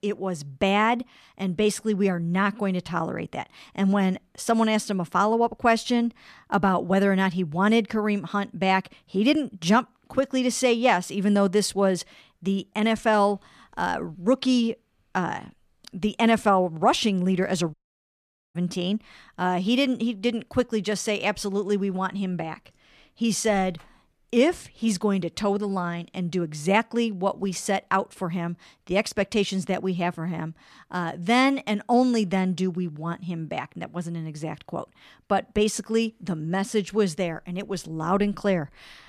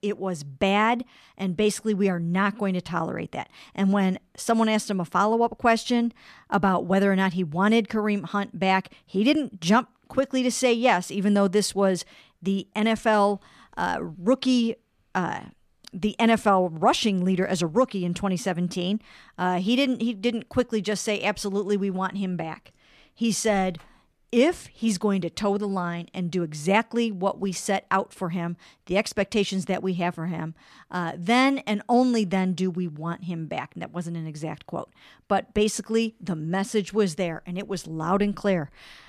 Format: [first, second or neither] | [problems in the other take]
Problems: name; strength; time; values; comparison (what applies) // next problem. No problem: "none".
second | audio cutting out; at 18 s for 1 s